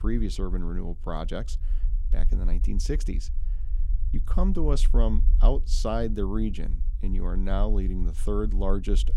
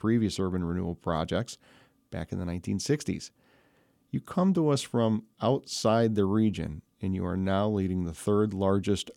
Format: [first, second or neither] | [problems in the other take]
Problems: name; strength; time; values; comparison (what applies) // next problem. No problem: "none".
second | low rumble; noticeable; throughout; 20 dB below the speech